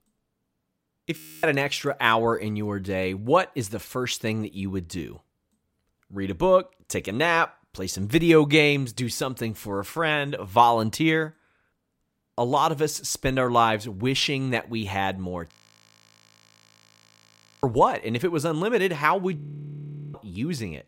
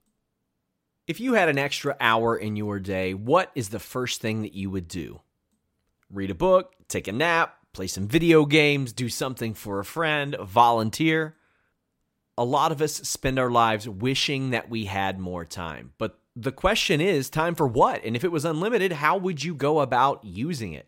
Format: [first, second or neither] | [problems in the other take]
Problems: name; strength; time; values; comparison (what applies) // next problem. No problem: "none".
second | audio freezing; at 1 s, at 16 s for 2 s and at 19 s for 1 s